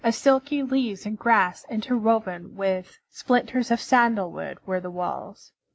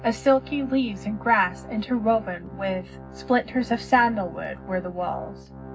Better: first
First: none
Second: background sound (Organ); 15 dB below the speech // room echo; dies away in 0.4 s

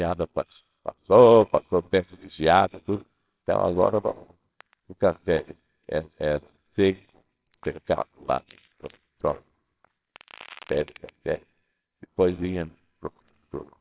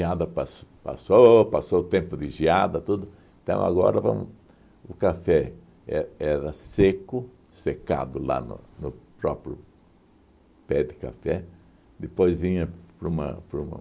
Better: second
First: noise reduction (neural separator model SepFormer WHAMR!)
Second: none

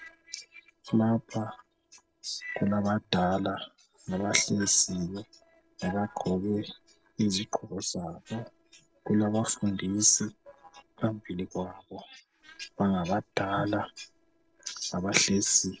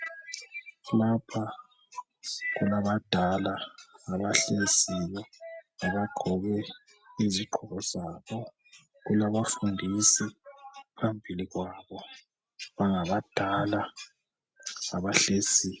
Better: second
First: noise reduction (neural separator model SepFormer DNS4)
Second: none

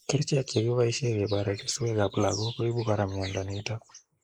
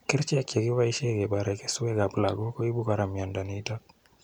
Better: second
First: noise reduction (neural mask model Resemble Enhance denoiser)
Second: none

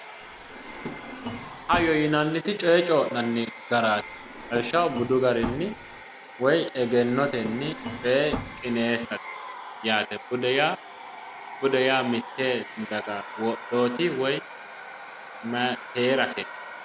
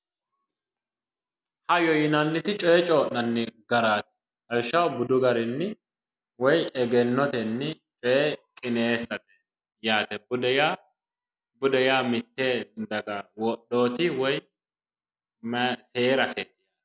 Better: second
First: background sound (Domestic sounds, home sounds + Drawer open or close); 12 dB below the speech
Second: none

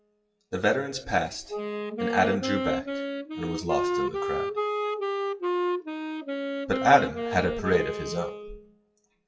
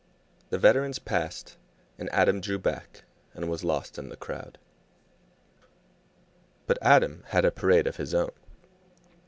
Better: second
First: noise reduction (classical method WPE with log-MMSE)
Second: none

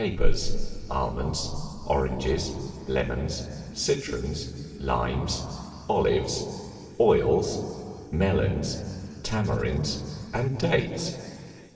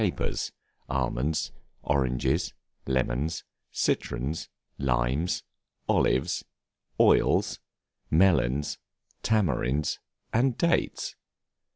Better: second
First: room echo; dies away in 2.7 s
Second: none

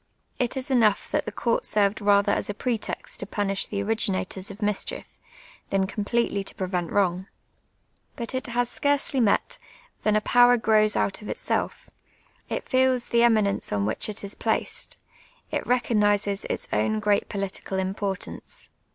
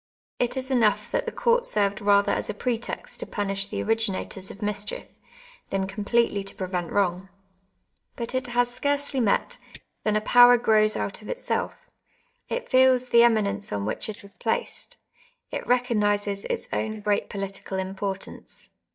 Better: first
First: none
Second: noise reduction (neural mask model DeepFilterNet 3)

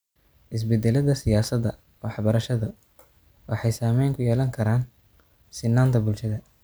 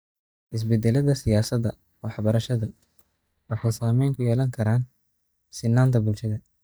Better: first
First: none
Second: noise reduction (neural mask model DeepFilterNet 3)

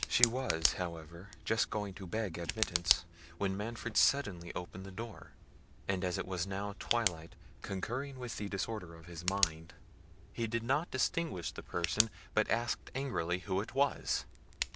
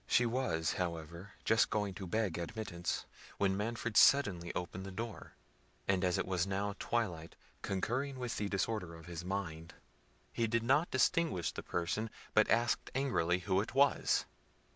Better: second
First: background sound (Tick); 5 dB below the speech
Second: none

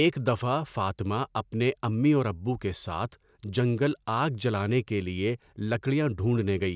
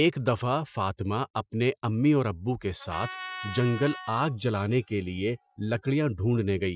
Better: first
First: none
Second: noise reduction (classical method Wiener filter)

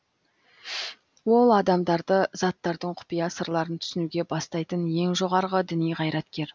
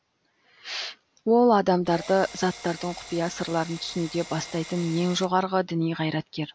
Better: first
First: none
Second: background sound (Drill); 16 dB below the speech

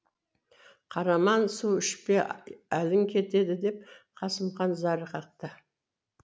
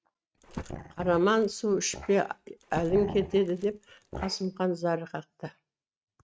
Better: first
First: none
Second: noise reduction (neural mask model RNNoise)

